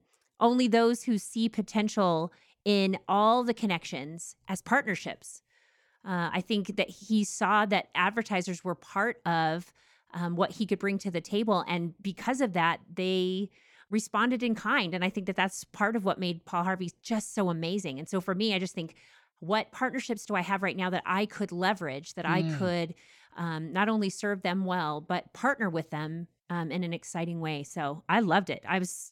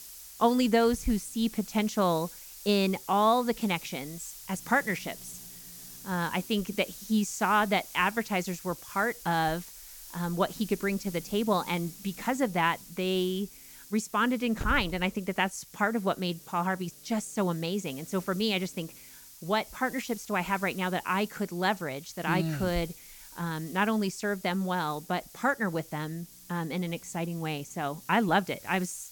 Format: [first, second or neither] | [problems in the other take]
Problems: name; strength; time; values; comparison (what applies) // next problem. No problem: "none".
first | hiss; noticeable; throughout; 15 dB below the speech